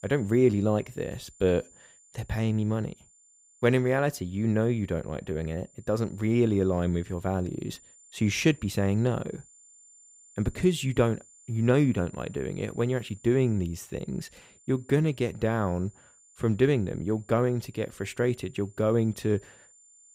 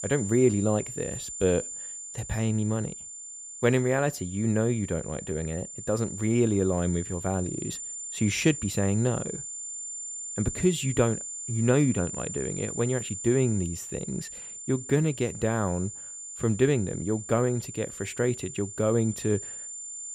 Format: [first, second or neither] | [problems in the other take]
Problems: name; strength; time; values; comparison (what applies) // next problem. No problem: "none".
first | high-pitched whine; loud; throughout; 7 kHz, 8 dB below the speech; faint in the first